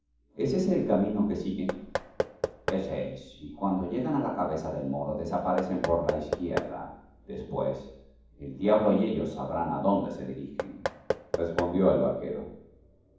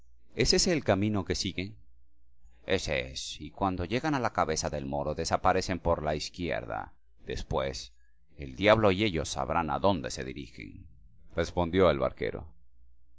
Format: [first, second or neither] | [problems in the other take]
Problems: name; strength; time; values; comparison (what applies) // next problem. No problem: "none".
second | background sound (Knock / Wood); 7 dB below the speech // room echo; dies away in 1.2 s